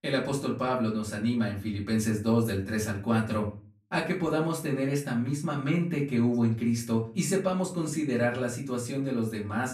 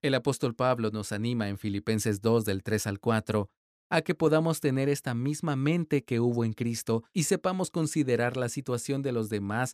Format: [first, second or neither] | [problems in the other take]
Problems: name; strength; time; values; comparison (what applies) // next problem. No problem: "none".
second | off-mic speech; far // room echo; slight; dies away in 0.3 s